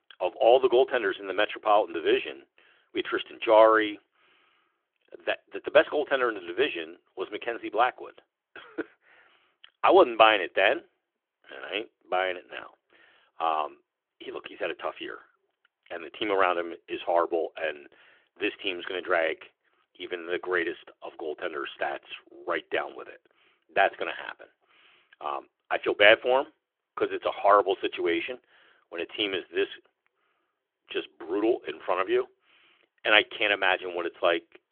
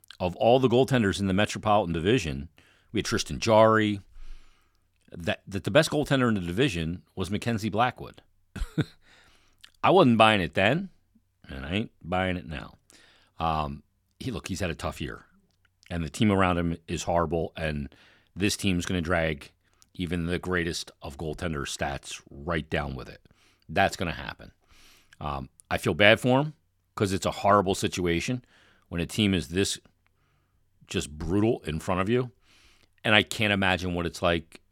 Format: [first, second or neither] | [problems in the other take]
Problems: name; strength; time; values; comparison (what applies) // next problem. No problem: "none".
second | phone-call audio; nothing above 3.5 kHz